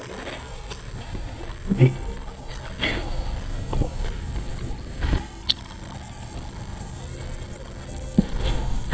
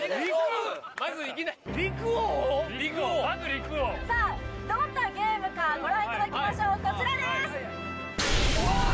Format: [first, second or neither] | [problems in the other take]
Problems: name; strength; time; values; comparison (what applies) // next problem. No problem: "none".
second | noise reduction (neural mask model DeepFilterNet 3)